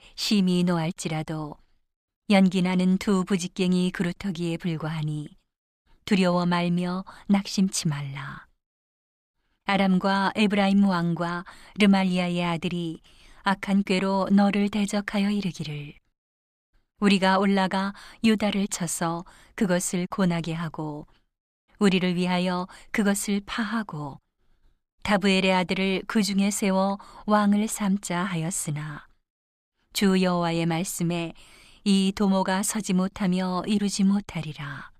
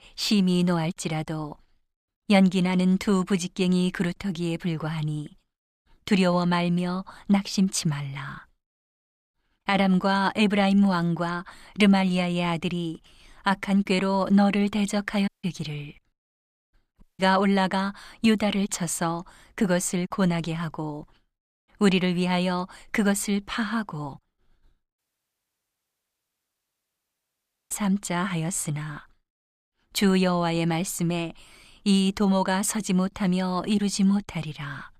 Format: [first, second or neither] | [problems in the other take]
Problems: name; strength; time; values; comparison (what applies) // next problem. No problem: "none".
first | audio cutting out; at 15 s, at 17 s and at 25 s for 2.5 s